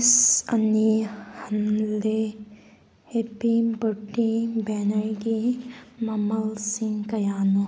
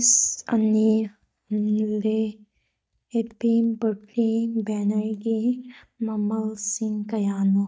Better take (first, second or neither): first